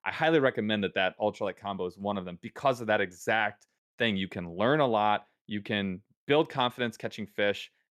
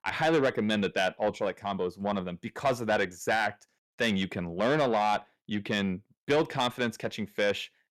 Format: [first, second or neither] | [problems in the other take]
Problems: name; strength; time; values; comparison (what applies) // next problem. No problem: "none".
first | distortion; slight; 10 dB below the speech